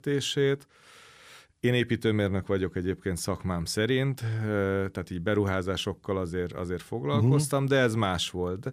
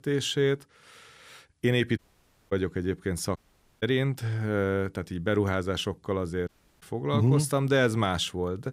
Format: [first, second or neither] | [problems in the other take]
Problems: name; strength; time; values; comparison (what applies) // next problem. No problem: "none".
first | audio cutting out; at 2 s for 0.5 s, at 3.5 s and at 6.5 s